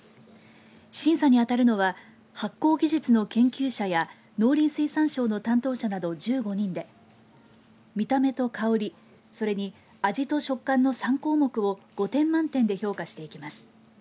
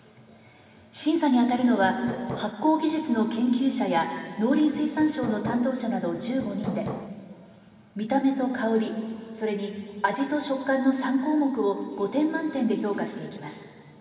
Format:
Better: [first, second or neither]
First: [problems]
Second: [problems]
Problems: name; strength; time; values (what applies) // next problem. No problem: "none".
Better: first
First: none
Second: background sound (Hammer); 12 dB below the speech // room echo; dies away in 2.5 s